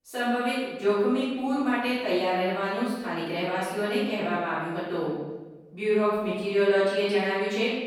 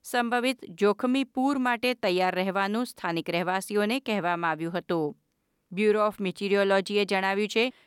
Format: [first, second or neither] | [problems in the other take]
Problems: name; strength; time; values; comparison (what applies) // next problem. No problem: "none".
second | off-mic speech; far // room echo; strong; dies away in 1.1 s